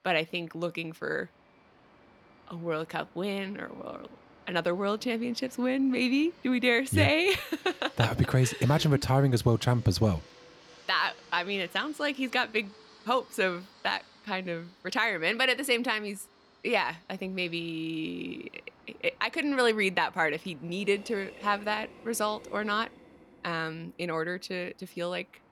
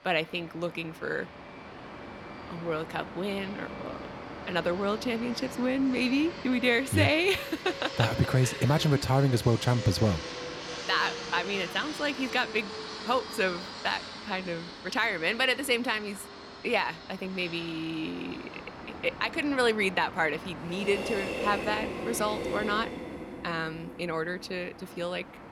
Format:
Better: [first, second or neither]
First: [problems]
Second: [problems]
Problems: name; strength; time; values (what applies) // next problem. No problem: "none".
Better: first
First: train or aircraft noise; faint; throughout; 25 dB below the speech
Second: train or aircraft noise; loud; throughout; 10 dB below the speech